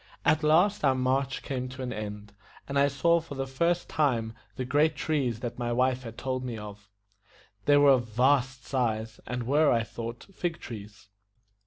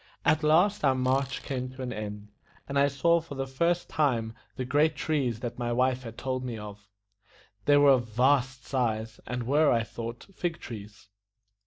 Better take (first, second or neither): first